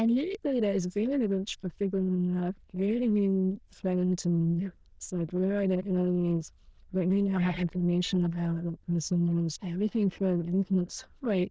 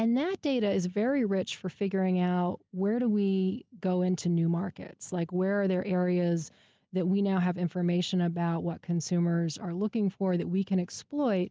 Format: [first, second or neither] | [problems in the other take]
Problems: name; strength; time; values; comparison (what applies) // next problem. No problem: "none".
second | noise reduction (neural diffusion model UNIVERSE++)